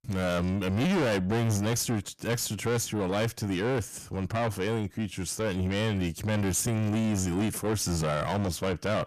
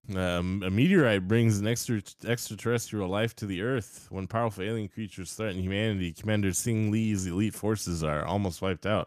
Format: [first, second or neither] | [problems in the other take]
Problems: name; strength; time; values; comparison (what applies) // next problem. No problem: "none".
second | distortion; heavy; 5 dB below the speech